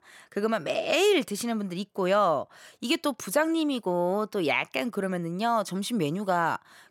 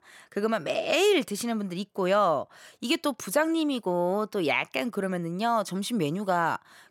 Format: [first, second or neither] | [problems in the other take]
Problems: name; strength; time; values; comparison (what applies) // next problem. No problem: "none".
neither | none